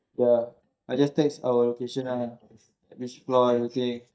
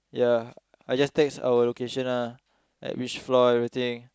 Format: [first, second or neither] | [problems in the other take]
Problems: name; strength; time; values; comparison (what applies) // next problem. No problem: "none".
second | noise reduction (neural mask model DeepFilterNet 3)